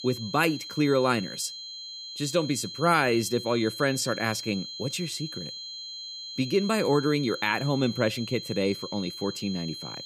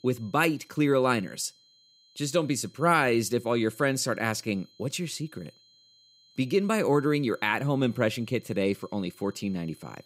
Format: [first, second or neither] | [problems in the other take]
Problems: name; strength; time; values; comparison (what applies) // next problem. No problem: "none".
second | high-pitched whine; loud; throughout; 4 kHz, 9 dB below the speech; faint in the second